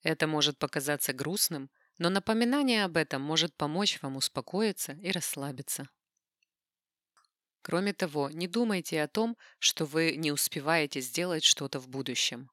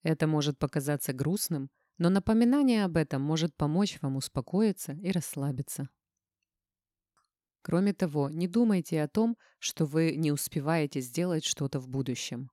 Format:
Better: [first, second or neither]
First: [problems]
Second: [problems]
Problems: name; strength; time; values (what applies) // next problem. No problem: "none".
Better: second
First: thin; somewhat; fading below 650 Hz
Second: none